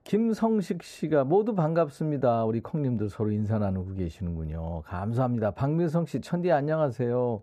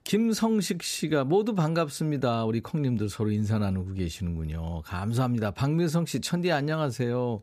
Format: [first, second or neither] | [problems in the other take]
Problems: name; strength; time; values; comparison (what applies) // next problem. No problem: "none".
second | muffled; very; fading above 2 kHz